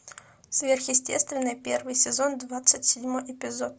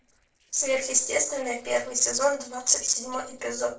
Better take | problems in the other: first | noise reduction (neural separator model SepFormer DNS4)

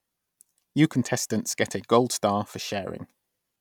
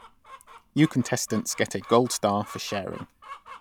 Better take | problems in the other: first | background sound (Chicken, rooster); 19 dB below the speech

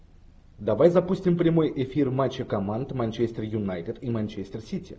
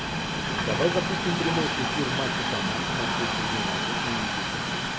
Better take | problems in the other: first | background sound (Train); 4 dB above the speech

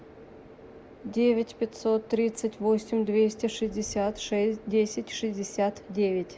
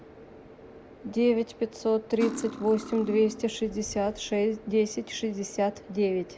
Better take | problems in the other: first | background sound (Cutlery, silverware); 10 dB below the speech

